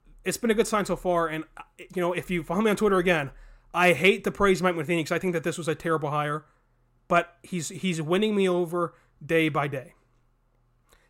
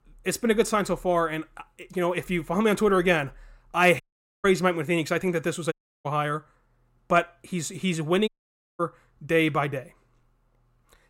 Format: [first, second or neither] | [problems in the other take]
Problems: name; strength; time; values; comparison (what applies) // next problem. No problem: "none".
first | audio cutting out; at 4 s, at 5.5 s and at 8.5 s for 0.5 s